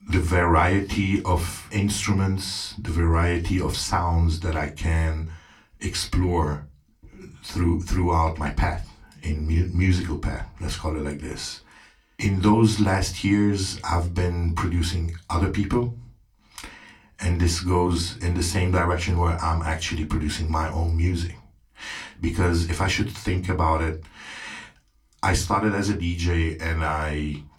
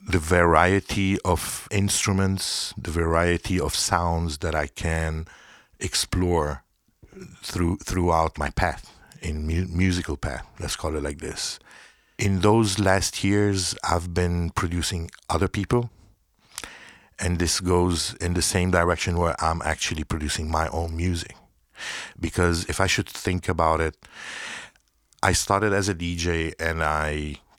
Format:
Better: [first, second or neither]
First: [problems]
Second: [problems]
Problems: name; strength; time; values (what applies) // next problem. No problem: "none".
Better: second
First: off-mic speech; far // room echo; very slight; dies away in 0.3 s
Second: none